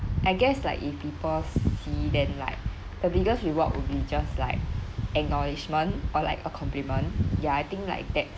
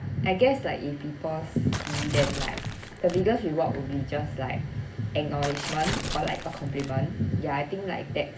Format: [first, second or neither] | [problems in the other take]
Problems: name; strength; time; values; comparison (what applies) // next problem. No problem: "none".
first | background sound (Tearing); 6 dB below the speech // room echo; dies away in 0.3 s